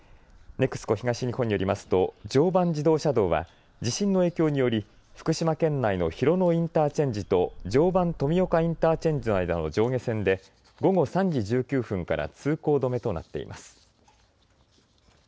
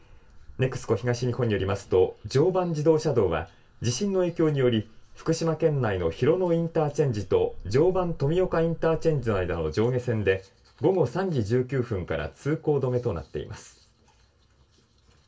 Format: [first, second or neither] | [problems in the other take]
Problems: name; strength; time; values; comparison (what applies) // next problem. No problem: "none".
first | room echo; dies away in 0.2 s